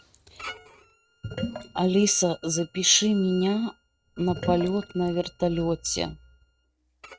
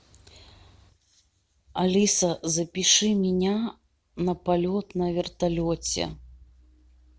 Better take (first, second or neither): second